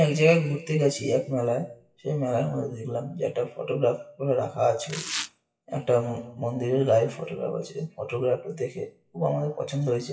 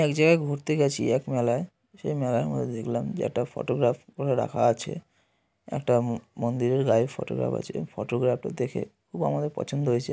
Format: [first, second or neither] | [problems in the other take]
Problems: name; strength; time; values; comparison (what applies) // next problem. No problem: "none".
second | noise reduction (classical method WPE with log-MMSE)